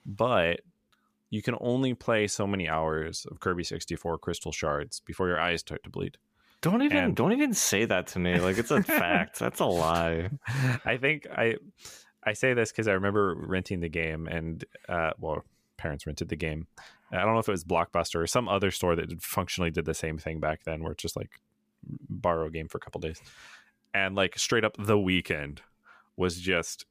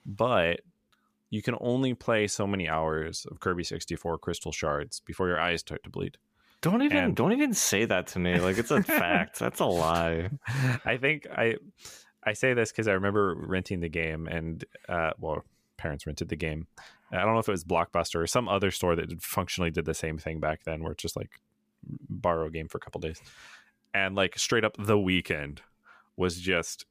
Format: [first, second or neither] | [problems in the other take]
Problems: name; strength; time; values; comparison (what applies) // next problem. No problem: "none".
neither | none